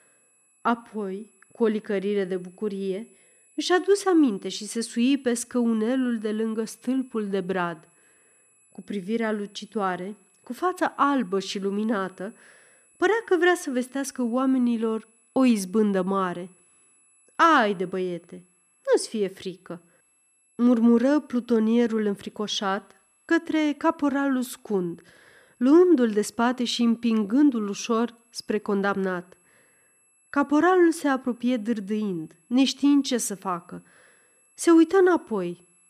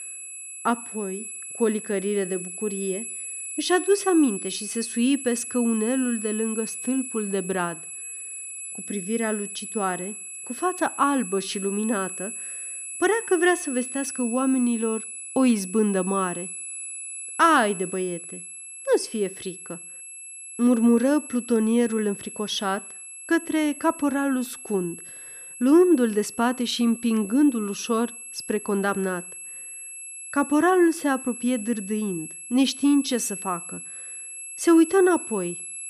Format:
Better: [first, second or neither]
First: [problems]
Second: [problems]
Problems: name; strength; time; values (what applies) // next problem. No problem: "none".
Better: first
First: high-pitched whine; faint; throughout; 11 kHz, 35 dB below the speech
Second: high-pitched whine; loud; throughout; 11 kHz, 10 dB below the speech